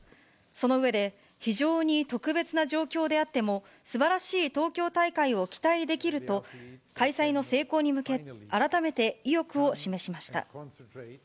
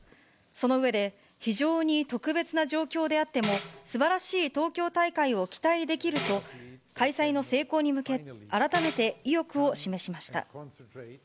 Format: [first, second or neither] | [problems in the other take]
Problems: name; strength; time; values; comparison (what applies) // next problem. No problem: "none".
first | background sound (Tambourine); 12 dB below the speech